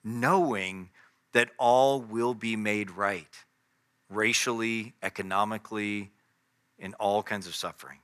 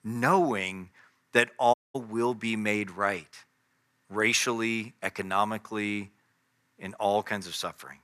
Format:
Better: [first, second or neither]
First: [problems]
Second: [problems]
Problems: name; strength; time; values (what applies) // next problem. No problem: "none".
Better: first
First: none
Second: audio cutting out; at 1.5 s